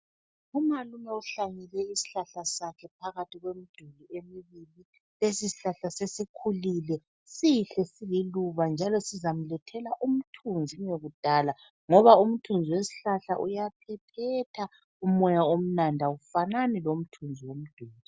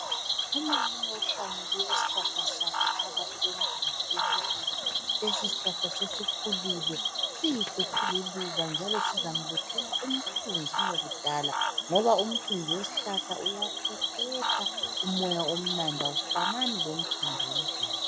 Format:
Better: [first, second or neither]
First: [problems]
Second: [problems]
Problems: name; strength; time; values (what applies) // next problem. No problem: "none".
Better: first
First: none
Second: background sound (Cricket / Frog); 5 dB above the speech